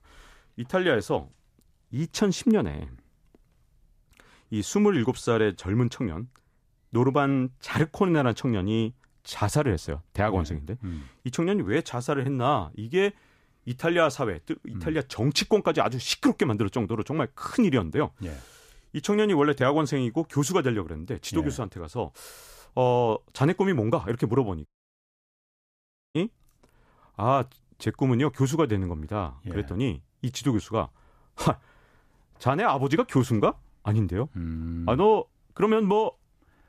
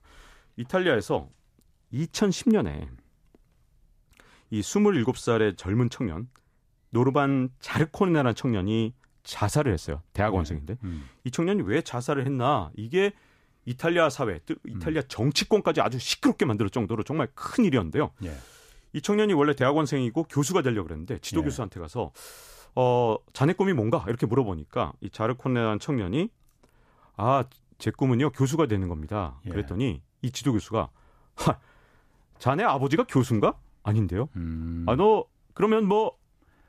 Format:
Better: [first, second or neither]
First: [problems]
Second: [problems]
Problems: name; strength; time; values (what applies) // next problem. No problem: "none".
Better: second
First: audio cutting out; at 25 s for 1.5 s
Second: none